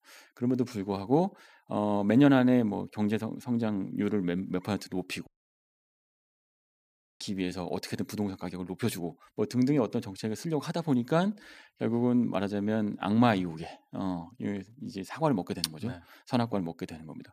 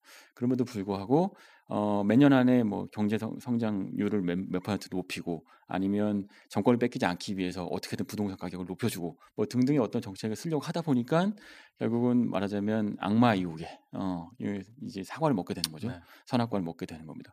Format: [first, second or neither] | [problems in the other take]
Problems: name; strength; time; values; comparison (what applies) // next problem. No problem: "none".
second | audio cutting out; at 5.5 s for 2 s